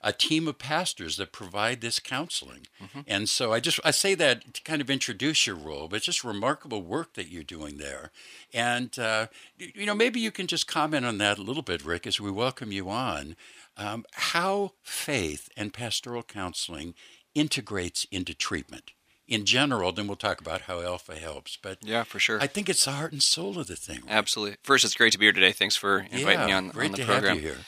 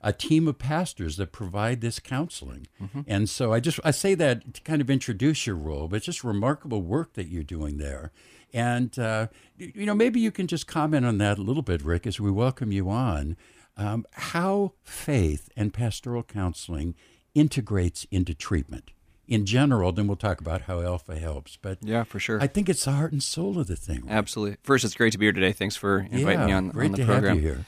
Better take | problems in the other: second | thin; somewhat; fading below 700 Hz

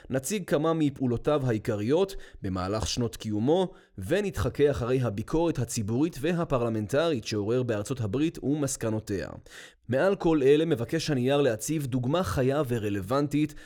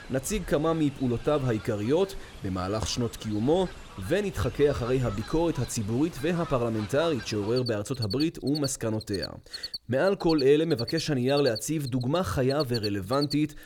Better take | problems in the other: first | animal sounds; noticeable; throughout; 15 dB below the speech

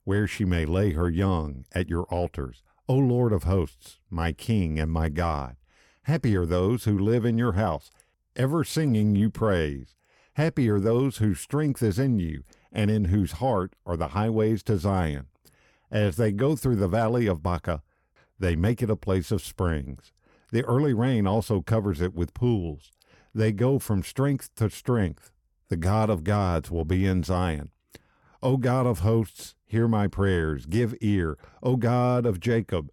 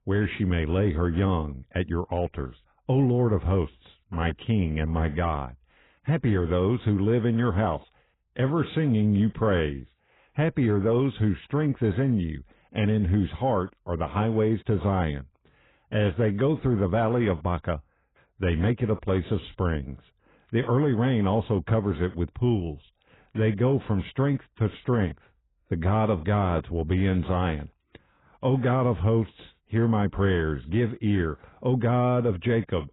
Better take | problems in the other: first | garbled, watery; badly; nothing above 3.5 kHz

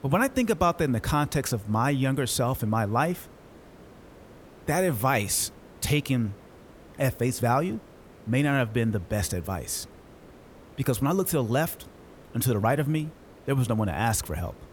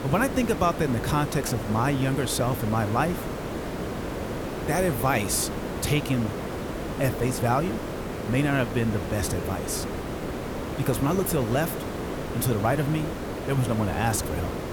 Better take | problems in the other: first | hiss; loud; throughout; 5 dB below the speech; faint in the first

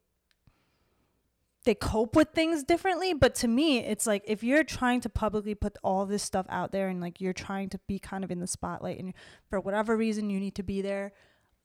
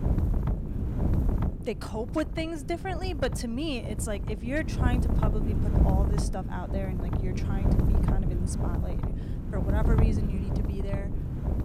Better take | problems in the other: first | wind noise on the microphone; heavy; 3 dB below the speech

